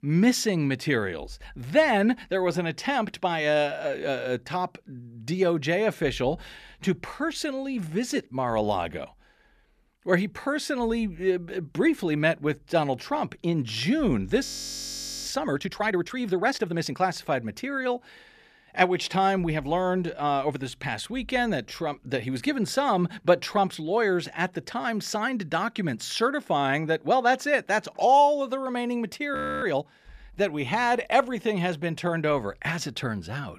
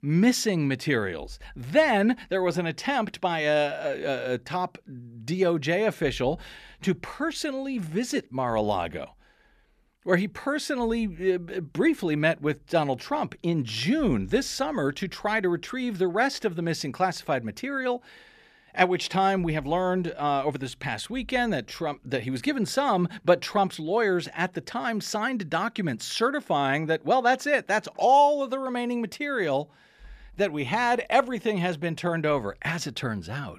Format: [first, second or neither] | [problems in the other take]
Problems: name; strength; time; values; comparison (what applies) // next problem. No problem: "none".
second | audio freezing; at 14 s for 1 s and at 29 s